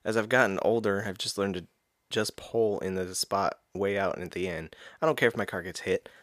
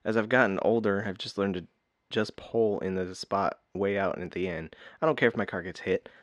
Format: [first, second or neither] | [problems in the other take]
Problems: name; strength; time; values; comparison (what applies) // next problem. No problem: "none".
first | muffled; very slightly; fading above 3.5 kHz